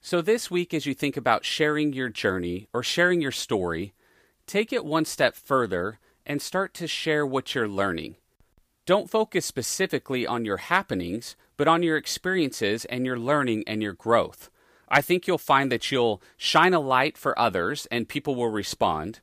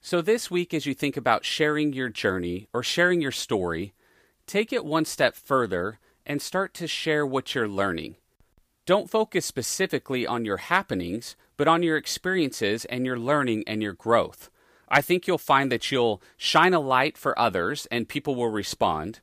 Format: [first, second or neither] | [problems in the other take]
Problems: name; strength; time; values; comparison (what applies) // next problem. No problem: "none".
neither | none